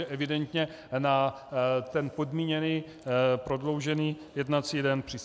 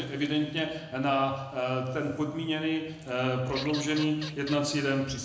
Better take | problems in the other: first | background sound (Bird vocalization, bird call, bird song / Fowl); 11 dB below the speech // room echo; dies away in 0.9 s

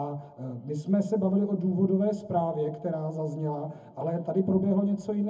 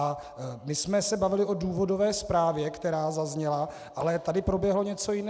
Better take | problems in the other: second | room echo; dies away in 0.3 s

